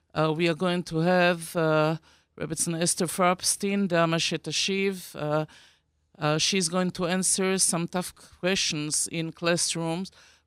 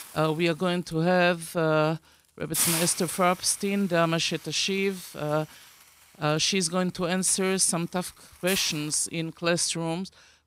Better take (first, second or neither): first